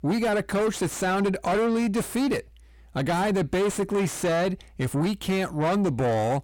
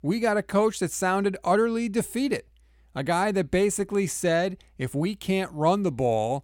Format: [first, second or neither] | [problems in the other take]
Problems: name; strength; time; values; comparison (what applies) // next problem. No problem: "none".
second | distortion; heavy; 7 dB below the speech